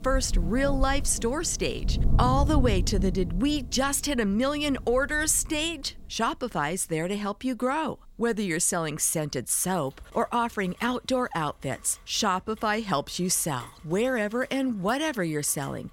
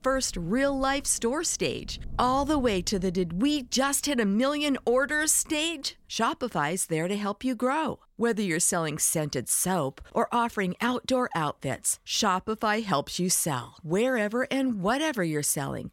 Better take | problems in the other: second | rain or running water; loud; throughout; 5 dB below the speech; faint in the second

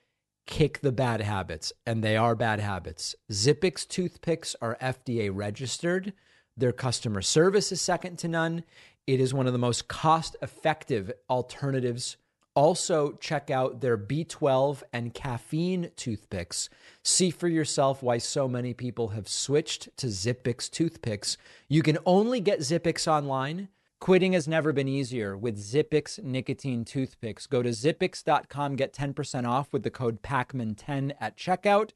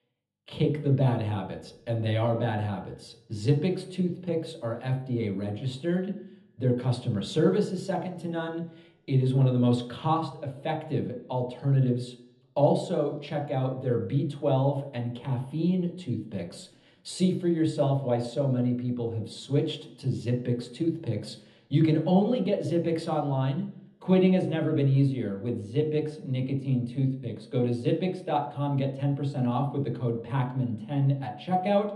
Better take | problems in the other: first | room echo; slight; dies away in 0.7 s // off-mic speech; somewhat distant

